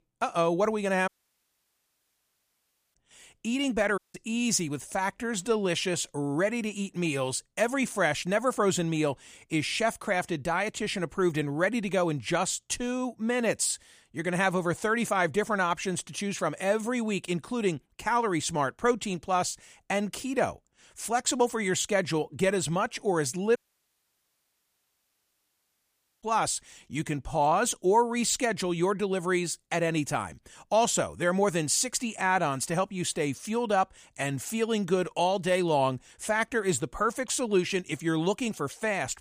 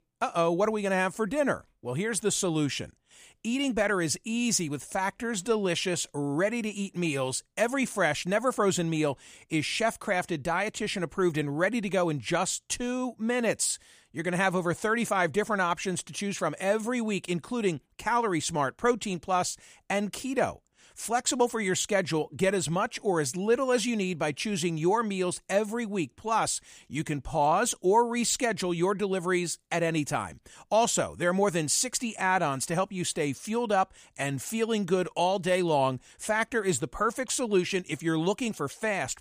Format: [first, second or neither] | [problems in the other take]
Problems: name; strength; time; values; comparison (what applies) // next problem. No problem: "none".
second | audio cutting out; at 1 s for 2 s, at 4 s and at 24 s for 2.5 s